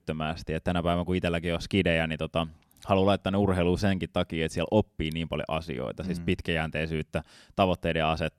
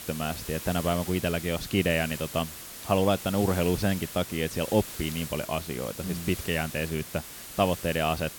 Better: first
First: none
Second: hiss; loud; throughout; 10 dB below the speech

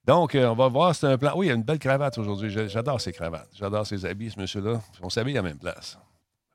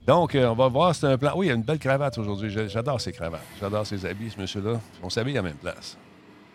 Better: first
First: none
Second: traffic noise; faint; throughout; 20 dB below the speech

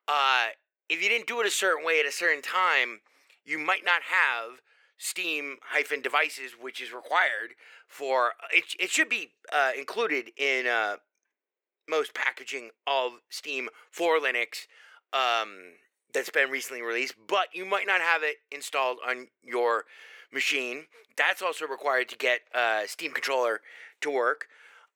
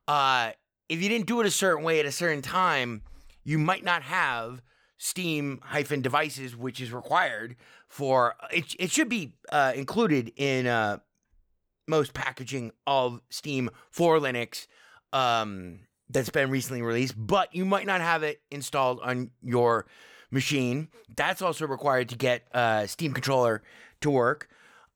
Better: second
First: thin; very; fading below 400 Hz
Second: none

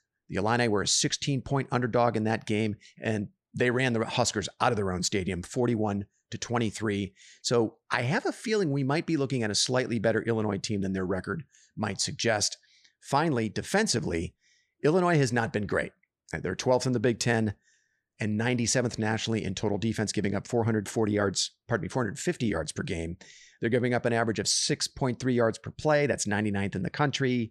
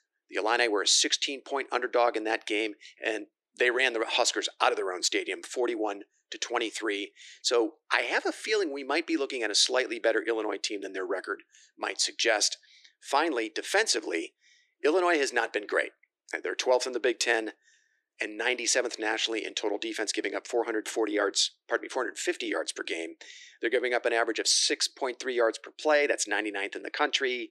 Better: first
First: none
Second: thin; very; fading below 300 Hz

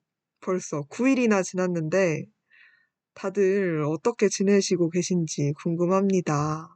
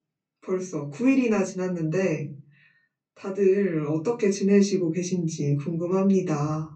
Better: first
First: none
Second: off-mic speech; far // room echo; very slight; dies away in 0.4 s

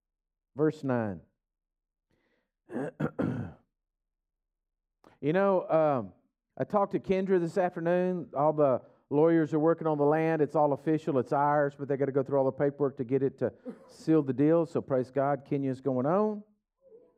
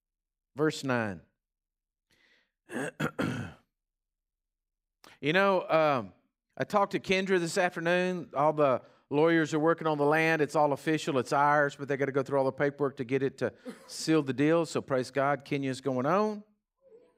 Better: second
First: muffled; very; fading above 1.5 kHz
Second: none

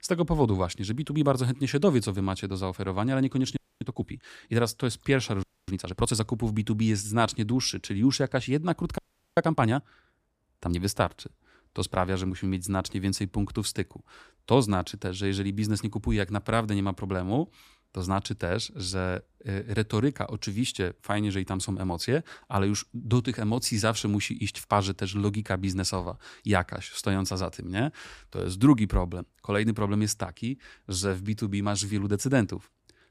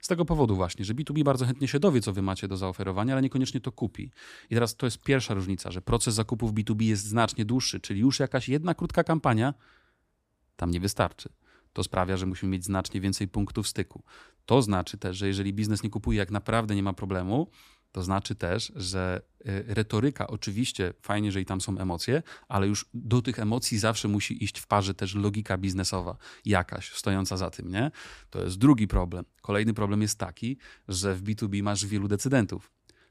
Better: second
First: audio freezing; at 3.5 s, at 5.5 s and at 9 s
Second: none

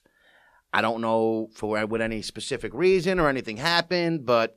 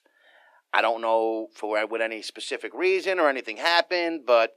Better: first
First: none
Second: thin; very; fading below 300 Hz

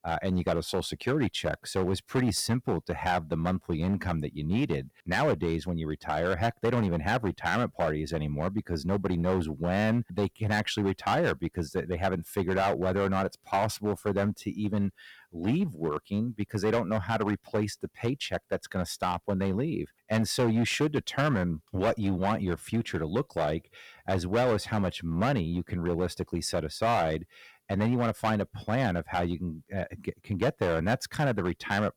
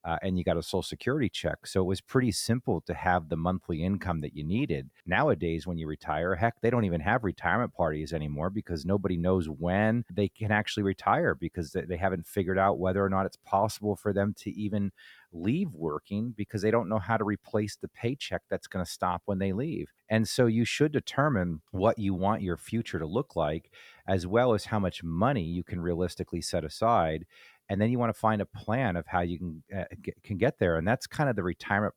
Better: second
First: distortion; slight; 8% of the sound clipped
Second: none

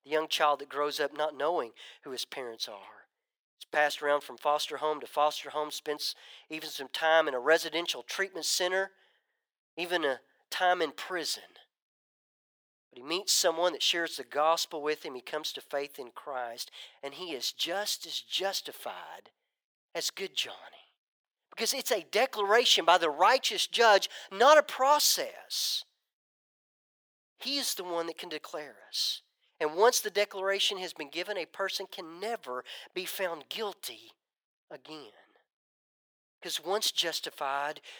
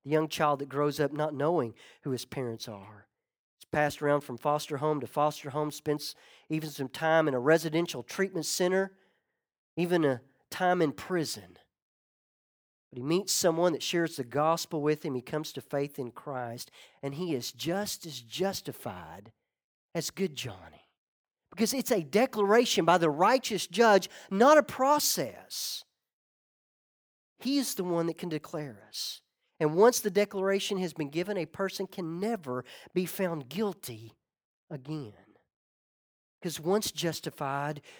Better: second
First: thin; very; fading below 600 Hz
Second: none

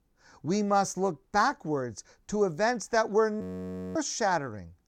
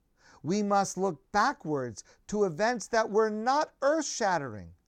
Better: second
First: audio freezing; at 3.5 s for 0.5 s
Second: none

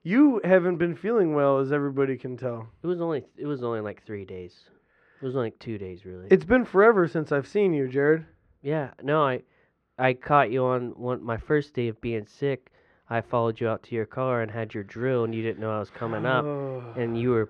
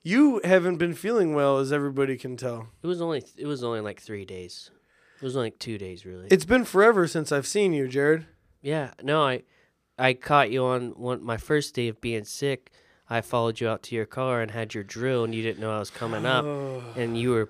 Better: second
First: muffled; very; fading above 2 kHz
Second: none

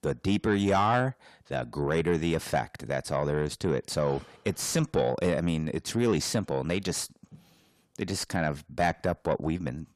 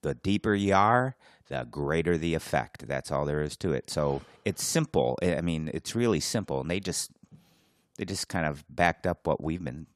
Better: second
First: distortion; slight; 10 dB below the speech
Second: none

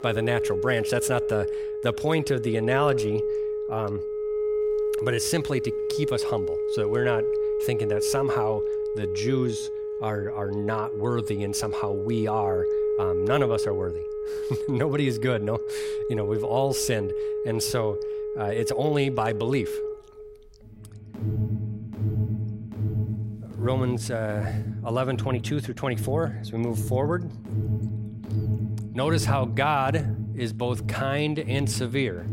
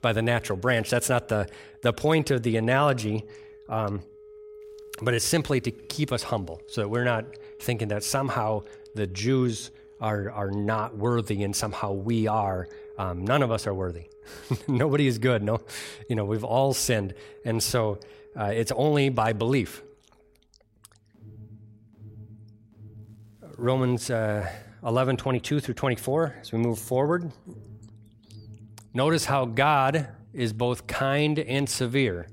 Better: second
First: alarms or sirens; loud; throughout; 1 dB below the speech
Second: alarms or sirens; faint; throughout; 20 dB below the speech

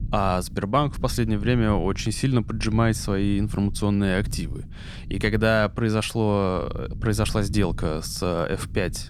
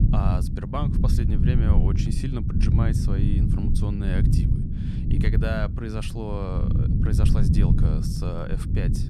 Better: first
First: low rumble; faint; throughout; 20 dB below the speech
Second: low rumble; loud; throughout; 1 dB below the speech

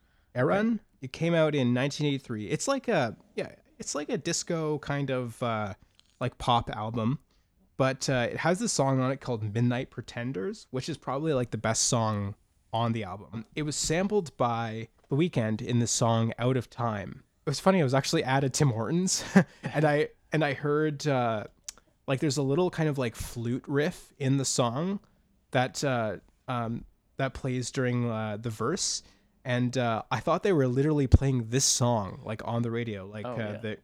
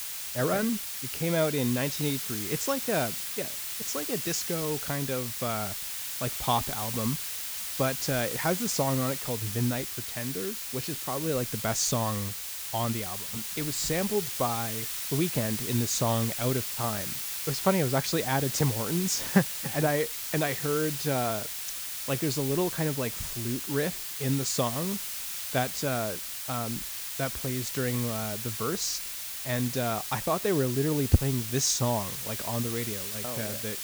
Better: first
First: none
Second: hiss; loud; throughout; 2 dB below the speech

